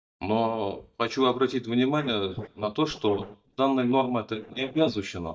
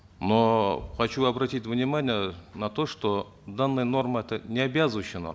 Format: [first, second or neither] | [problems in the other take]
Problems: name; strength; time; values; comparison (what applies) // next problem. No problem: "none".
second | noise reduction (neural mask model DeepFilterNet 3)